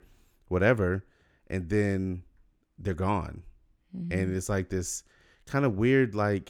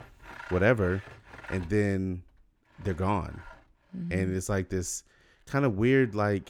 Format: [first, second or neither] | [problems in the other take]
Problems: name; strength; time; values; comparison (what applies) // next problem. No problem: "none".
first | machinery noise; noticeable; throughout; 20 dB below the speech